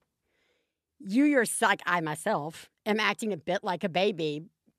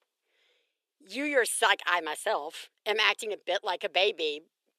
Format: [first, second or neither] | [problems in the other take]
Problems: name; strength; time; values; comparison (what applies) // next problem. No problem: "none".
first | thin; somewhat; fading below 400 Hz